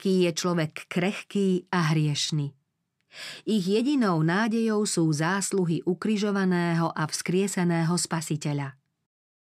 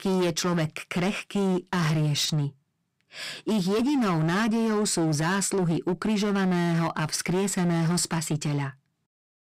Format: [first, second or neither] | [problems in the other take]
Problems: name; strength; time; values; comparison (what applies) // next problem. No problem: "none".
first | distortion; slight; 23% of the sound clipped